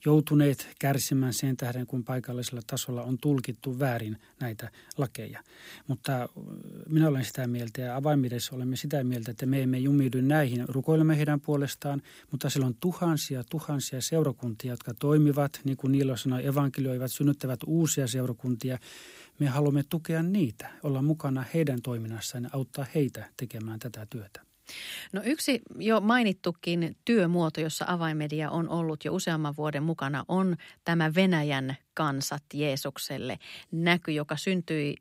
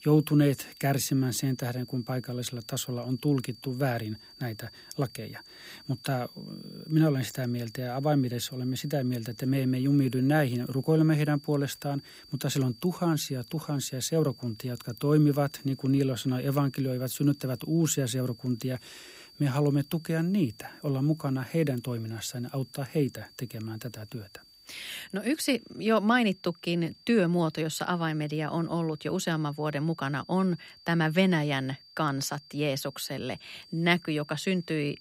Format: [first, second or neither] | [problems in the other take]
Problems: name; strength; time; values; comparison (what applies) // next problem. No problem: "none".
first | high-pitched whine; faint; throughout; 4.5 kHz, 20 dB below the speech